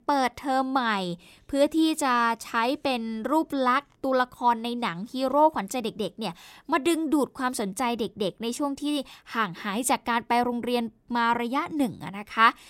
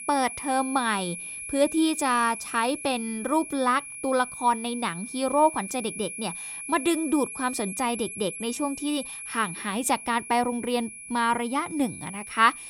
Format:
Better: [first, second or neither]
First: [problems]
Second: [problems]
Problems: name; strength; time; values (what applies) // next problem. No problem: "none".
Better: first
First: none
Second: high-pitched whine; loud; throughout; 11 kHz, 9 dB below the speech